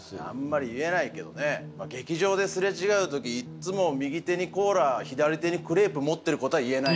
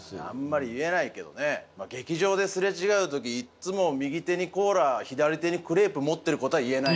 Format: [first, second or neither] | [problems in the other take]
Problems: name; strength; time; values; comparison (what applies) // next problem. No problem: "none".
second | background sound (Bass guitar); 16 dB below the speech